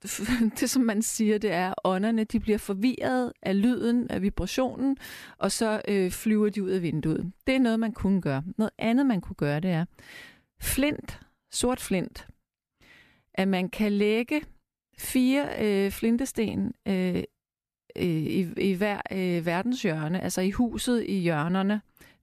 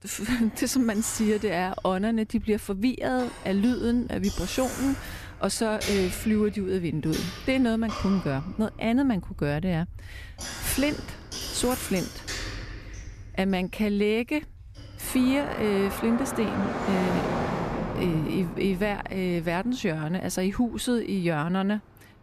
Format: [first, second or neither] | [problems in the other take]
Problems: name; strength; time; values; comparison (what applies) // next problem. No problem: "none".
first | traffic noise; loud; throughout; 9 dB below the speech